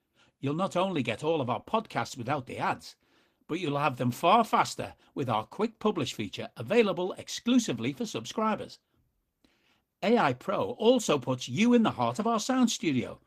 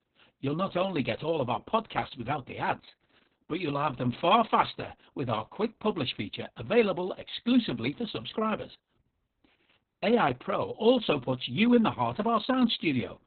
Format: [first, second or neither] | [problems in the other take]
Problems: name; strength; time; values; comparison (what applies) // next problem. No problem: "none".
first | garbled, watery; badly; nothing above 4 kHz; slightly in the first